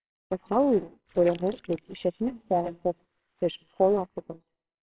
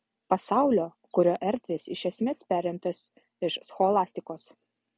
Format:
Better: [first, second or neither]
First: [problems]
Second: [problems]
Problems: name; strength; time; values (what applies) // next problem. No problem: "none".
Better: second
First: noise reduction (neural separator model SepFormer WHAMR!)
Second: none